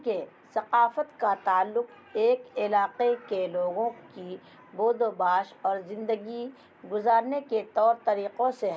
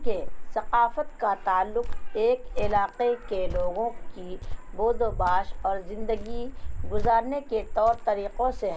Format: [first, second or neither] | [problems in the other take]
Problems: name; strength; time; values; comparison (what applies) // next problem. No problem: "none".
first | background sound (Cricket); 2 dB below the speech